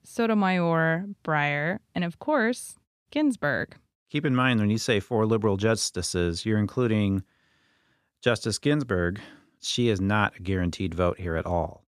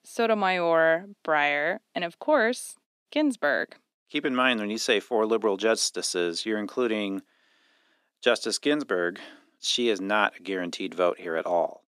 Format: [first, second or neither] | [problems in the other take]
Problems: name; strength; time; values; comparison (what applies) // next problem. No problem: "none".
first | thin; somewhat; fading below 250 Hz